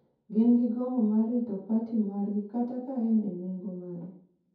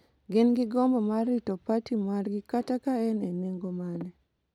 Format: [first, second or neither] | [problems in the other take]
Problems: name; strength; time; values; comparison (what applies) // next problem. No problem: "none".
second | room echo; dies away in 0.6 s